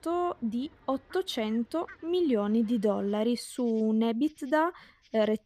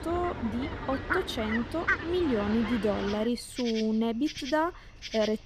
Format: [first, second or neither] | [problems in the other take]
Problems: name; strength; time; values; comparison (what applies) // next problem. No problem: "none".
first | animal sounds; loud; throughout; 5 dB below the speech; faint in the first